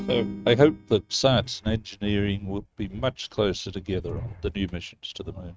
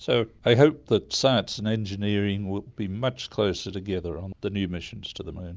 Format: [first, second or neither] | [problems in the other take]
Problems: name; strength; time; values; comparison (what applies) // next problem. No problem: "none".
second | noise reduction (neural mask model RNNoise)